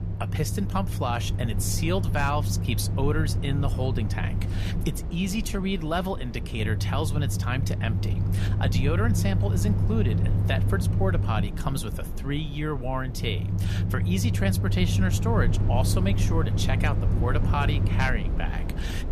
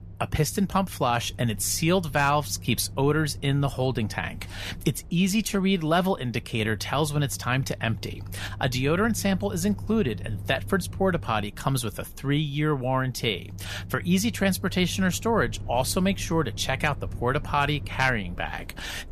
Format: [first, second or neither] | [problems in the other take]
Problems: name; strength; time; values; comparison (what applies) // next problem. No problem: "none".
second | low rumble; loud; throughout; 8 dB below the speech; faint in the second